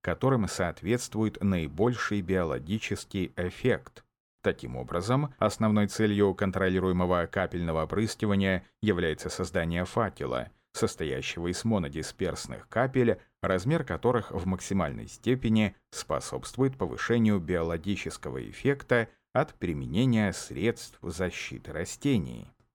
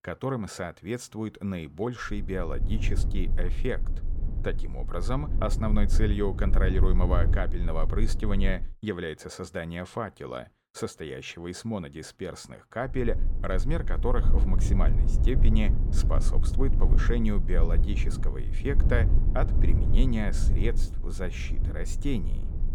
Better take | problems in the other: first | low rumble; loud; from 2 to 8.5 s and from 13 s on; 10 dB below the speech

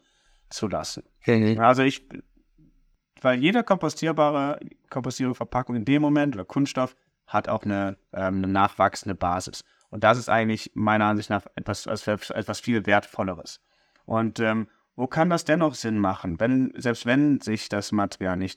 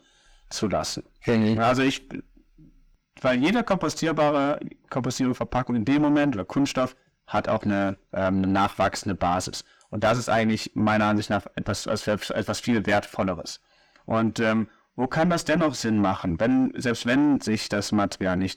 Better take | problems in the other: first | distortion; heavy; 7 dB below the speech

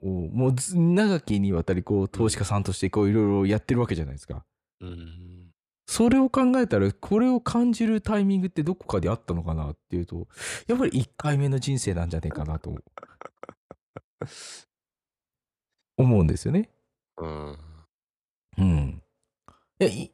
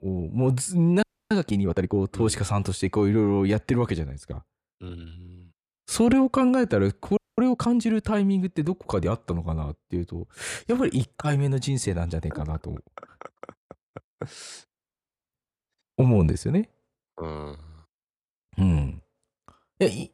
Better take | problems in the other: first | audio freezing; at 1 s and at 7 s

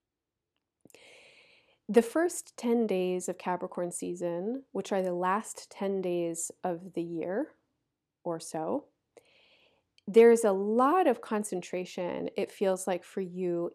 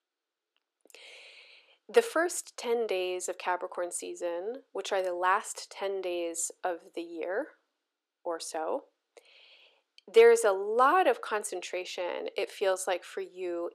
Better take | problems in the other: first | thin; very; fading below 400 Hz

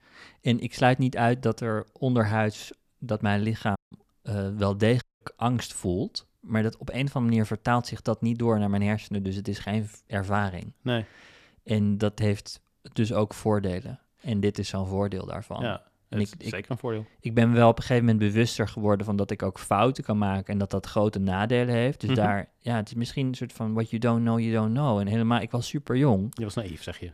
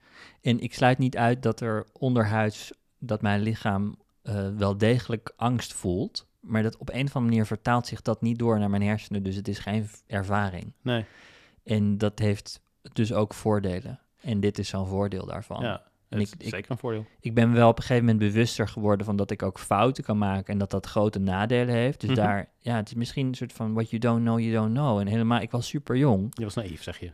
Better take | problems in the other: second | audio cutting out; at 4 s and at 5 s

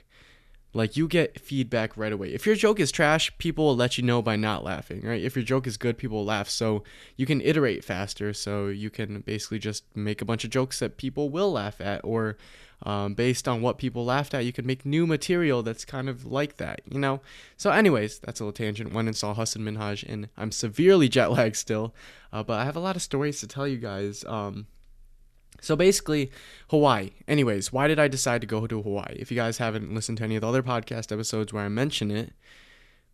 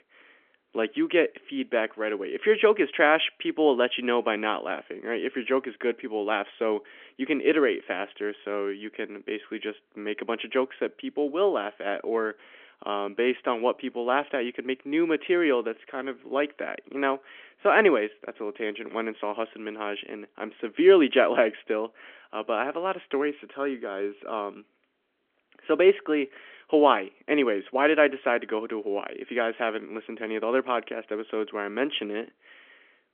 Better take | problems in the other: first | phone-call audio; nothing above 3.5 kHz

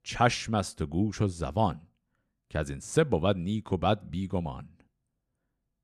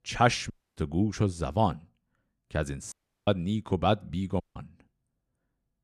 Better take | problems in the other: first | audio cutting out; at 0.5 s, at 3 s and at 4.5 s

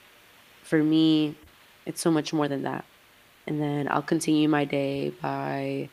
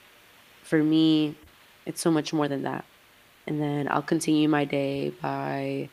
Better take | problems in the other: neither | hiss; faint; throughout; 30 dB below the speech; the same in both

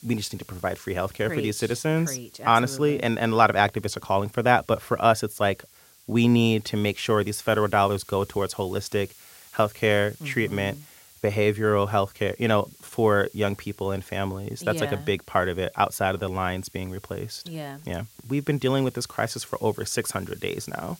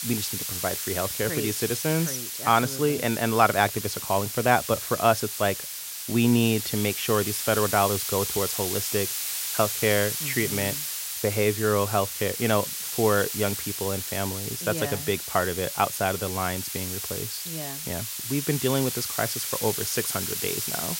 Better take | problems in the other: first | hiss; loud; throughout; 3 dB below the speech; faint in the first

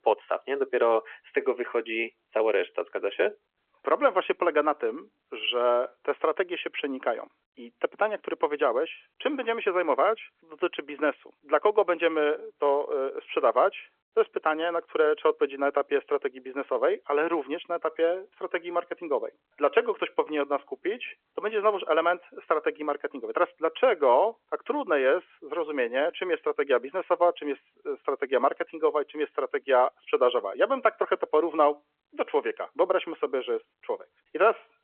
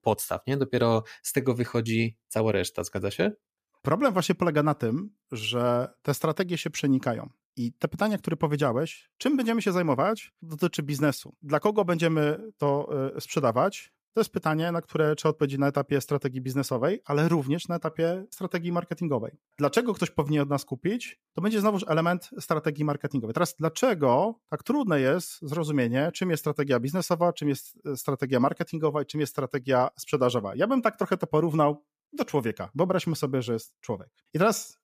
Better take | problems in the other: second | phone-call audio

